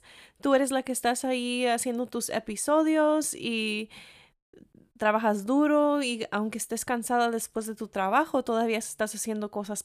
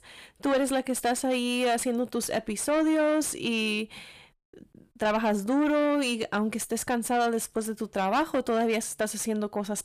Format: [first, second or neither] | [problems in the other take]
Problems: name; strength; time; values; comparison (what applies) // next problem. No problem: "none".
first | distortion; slight; 10 dB below the speech